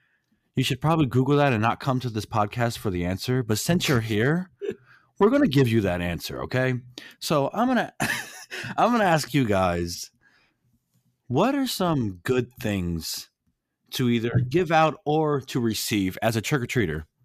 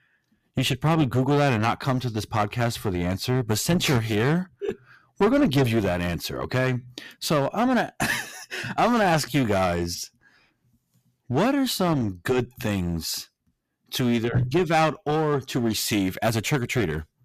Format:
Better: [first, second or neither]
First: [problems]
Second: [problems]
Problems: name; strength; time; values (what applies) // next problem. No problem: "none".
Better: first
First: none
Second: distortion; slight; 8% of the sound clipped